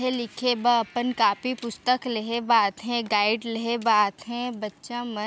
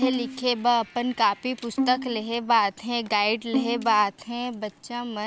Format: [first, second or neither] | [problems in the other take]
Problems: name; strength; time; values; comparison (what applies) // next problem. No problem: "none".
first | background sound (Bowed string instrument); 8 dB below the speech